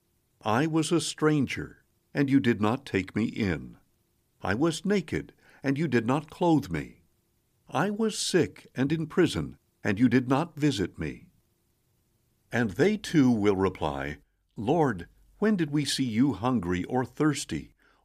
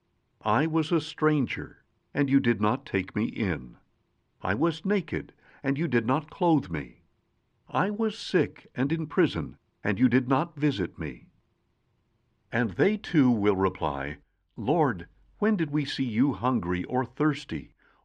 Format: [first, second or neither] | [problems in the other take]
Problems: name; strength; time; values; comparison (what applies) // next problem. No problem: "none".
first | muffled; slightly; fading above 2.5 kHz